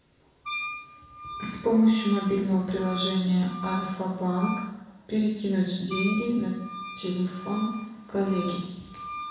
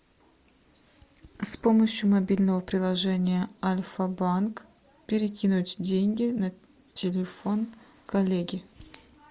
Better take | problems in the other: second | background sound (Wind instrument, woodwind instrument); 12 dB below the speech // room echo; dies away in 1 s

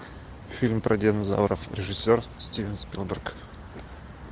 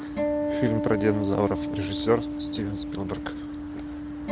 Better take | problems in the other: first | background sound (Acoustic guitar); 1 dB below the speech

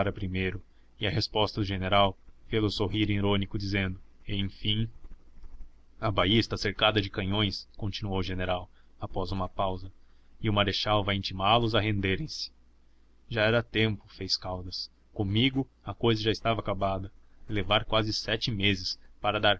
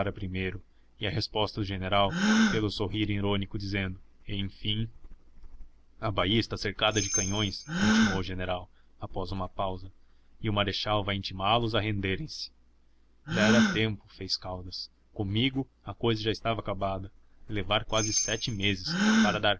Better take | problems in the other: first | background sound (Bell + Gasp); 3 dB below the speech

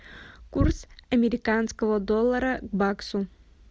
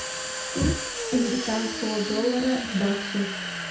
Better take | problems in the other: first | background sound (Domestic sounds, home sounds); 4 dB below the speech // room echo; dies away in 0.6 s

